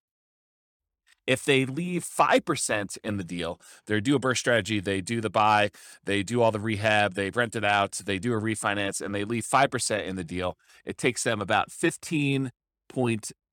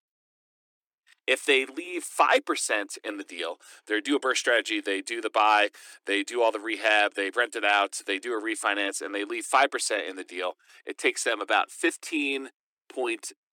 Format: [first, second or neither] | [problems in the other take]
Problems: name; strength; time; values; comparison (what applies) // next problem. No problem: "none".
first | thin; somewhat; fading below 300 Hz